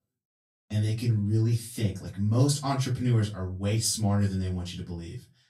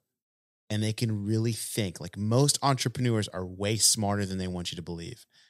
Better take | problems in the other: second | off-mic speech; far // room echo; very slight; dies away in 0.2 s

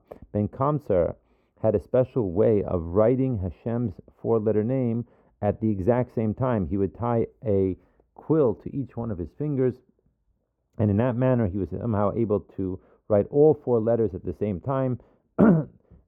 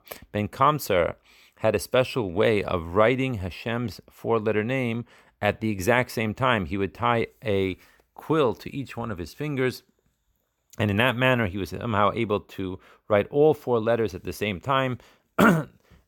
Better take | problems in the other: second | muffled; very; fading above 1.5 kHz

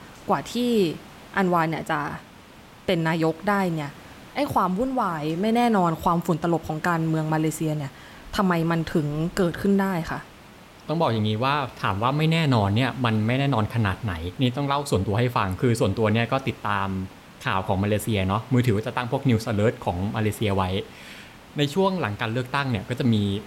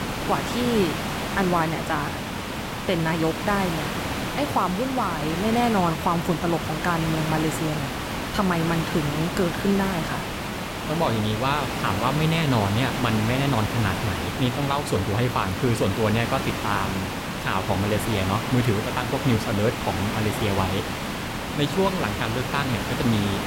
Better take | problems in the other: first | hiss; loud; throughout; 3 dB below the speech; faint in the first

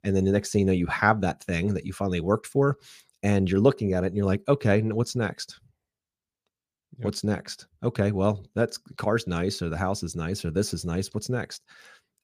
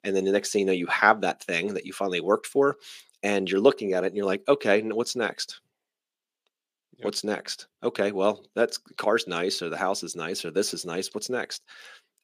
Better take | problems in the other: first | thin; somewhat; fading below 300 Hz

